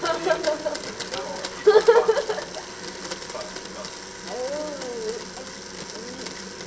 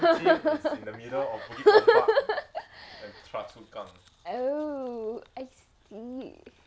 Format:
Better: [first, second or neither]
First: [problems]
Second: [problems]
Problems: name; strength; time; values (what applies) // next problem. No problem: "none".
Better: second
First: background sound (Domestic sounds, home sounds); 10 dB below the speech // room echo; dies away in 0.9 s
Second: none